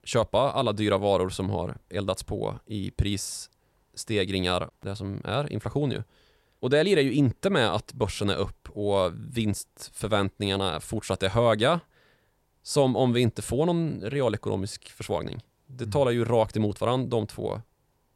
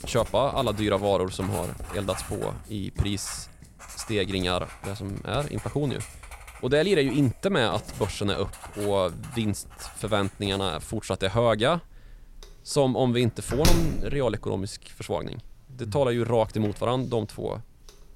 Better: first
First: none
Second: household noises; noticeable; throughout; 10 dB below the speech

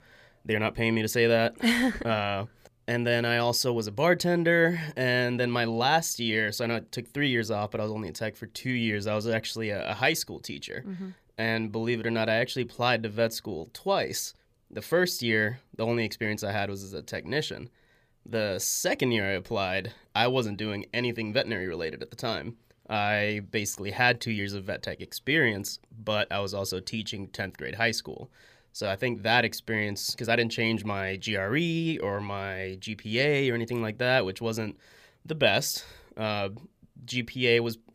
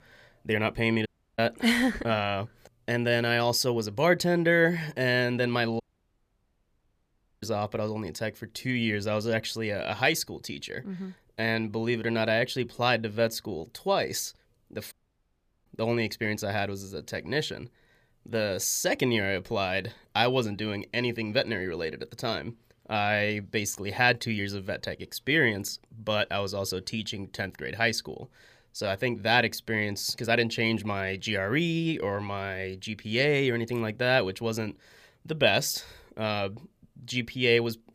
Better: first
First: none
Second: audio cutting out; at 1 s, at 6 s for 1.5 s and at 15 s for 0.5 s

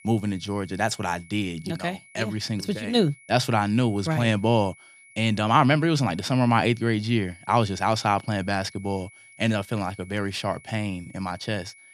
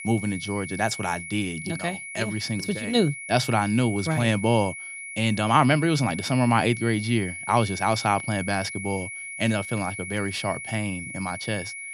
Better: first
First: high-pitched whine; faint; throughout; 2 kHz, 25 dB below the speech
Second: high-pitched whine; loud; throughout; 2 kHz, 9 dB below the speech

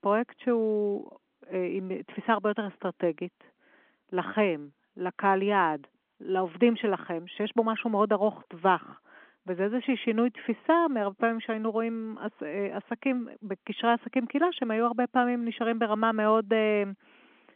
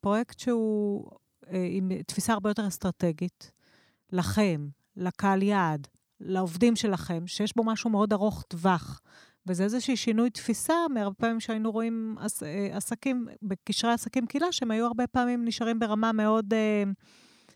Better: second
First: phone-call audio; nothing above 3.5 kHz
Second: none

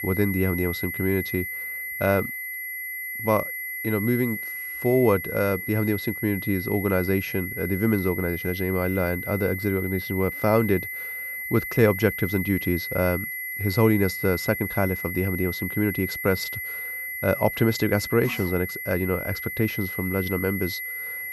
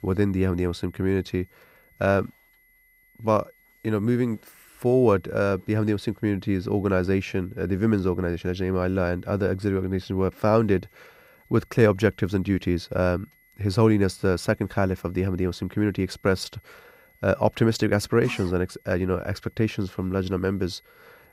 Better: second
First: high-pitched whine; loud; throughout; 2 kHz, 5 dB below the speech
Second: high-pitched whine; faint; throughout; 2 kHz, 35 dB below the speech

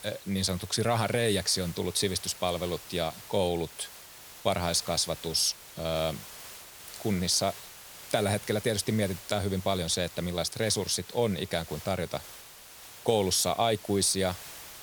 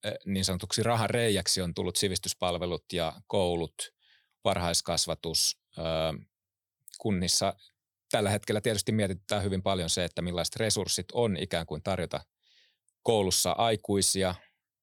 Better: second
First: hiss; noticeable; throughout; 15 dB below the speech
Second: none

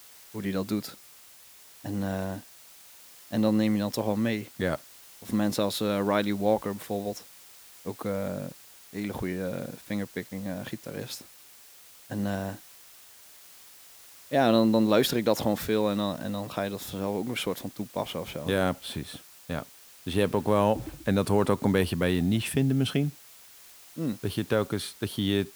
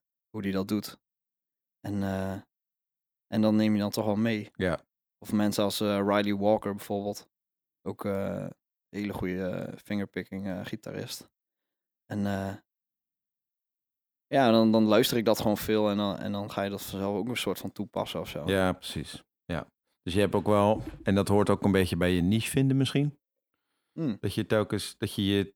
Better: second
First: hiss; noticeable; throughout; 20 dB below the speech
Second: none

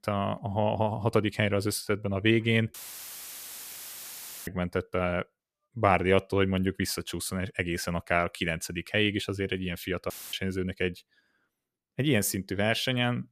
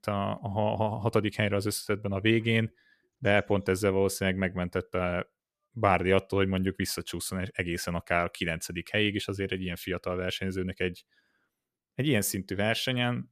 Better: second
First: audio cutting out; filled with static; at 2.5 s for 1.5 s and at 10 s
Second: none

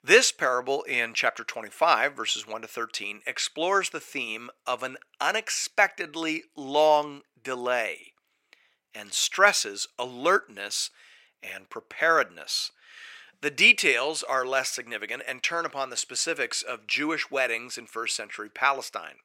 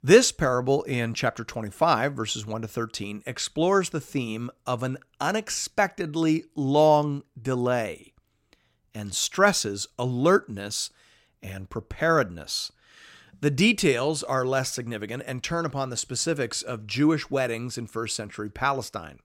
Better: second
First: thin; very; fading below 500 Hz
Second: none

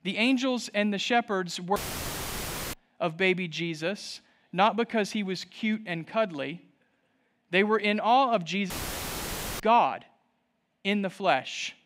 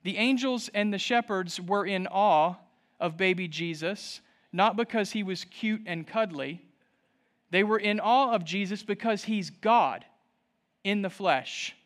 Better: second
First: audio cutting out; filled with static; at 2 s for 1 s and at 8.5 s for 1 s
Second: none

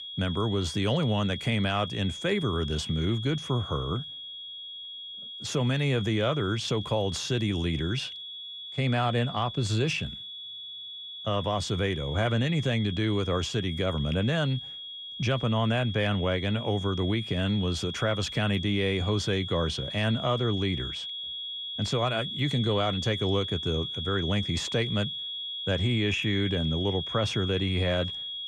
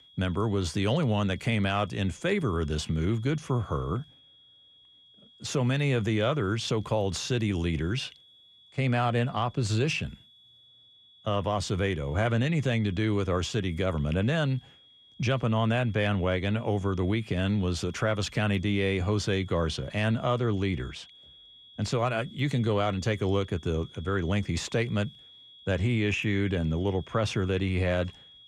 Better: second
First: high-pitched whine; loud; throughout; 3.5 kHz, 7 dB below the speech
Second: high-pitched whine; faint; throughout; 3.5 kHz, 25 dB below the speech

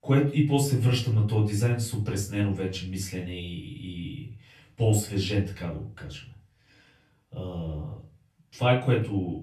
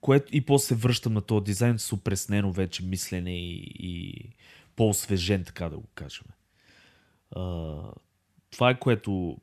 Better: second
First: room echo; slight; dies away in 0.3 s // off-mic speech; far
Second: none

